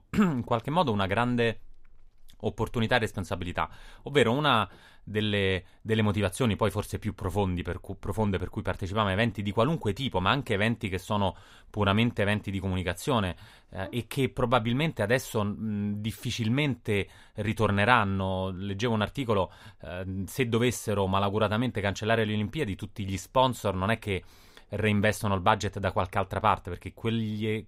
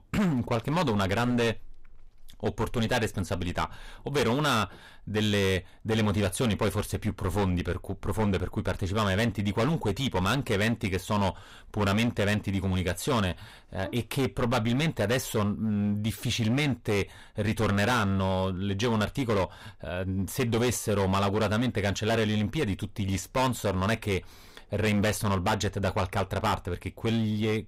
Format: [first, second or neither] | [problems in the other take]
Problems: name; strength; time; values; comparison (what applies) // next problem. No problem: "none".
first | distortion; heavy; 15% of the sound clipped